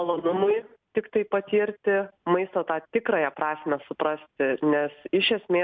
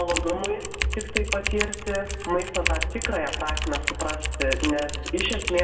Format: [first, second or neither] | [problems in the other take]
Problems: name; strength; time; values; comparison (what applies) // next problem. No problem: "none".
first | background sound (Typing); 1 dB below the speech // room echo; dies away in 2 s